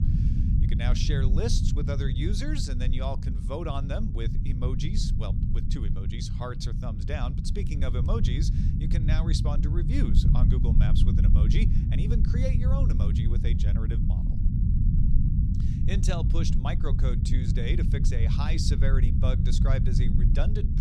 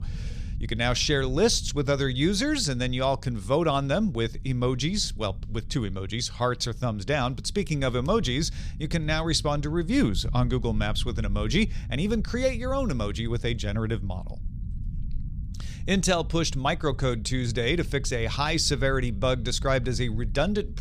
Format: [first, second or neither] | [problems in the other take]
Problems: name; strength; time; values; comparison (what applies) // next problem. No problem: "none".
second | low rumble; loud; throughout; 3 dB below the speech; faint in the second